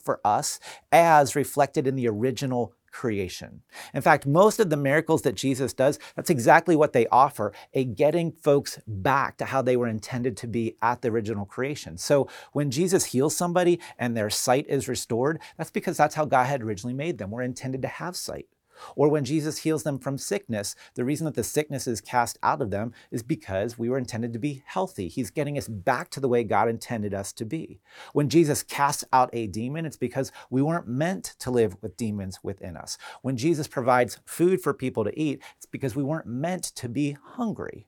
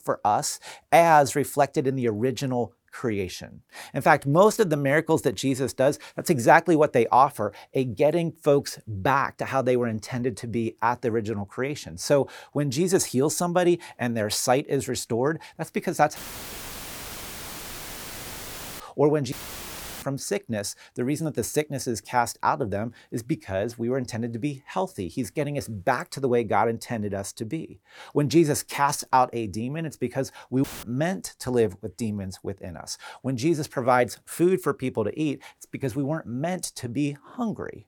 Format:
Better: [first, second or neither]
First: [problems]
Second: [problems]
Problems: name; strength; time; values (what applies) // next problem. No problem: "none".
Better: first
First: none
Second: audio cutting out; filled with static; at 16 s for 2.5 s, at 19 s for 0.5 s and at 31 s